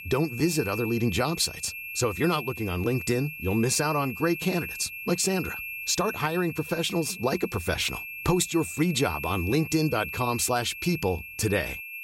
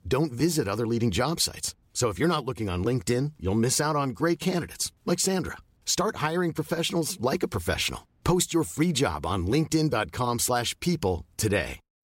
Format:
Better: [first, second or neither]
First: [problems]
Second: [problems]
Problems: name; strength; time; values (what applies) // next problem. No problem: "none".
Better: second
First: high-pitched whine; loud; throughout; 2.5 kHz, 9 dB below the speech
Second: none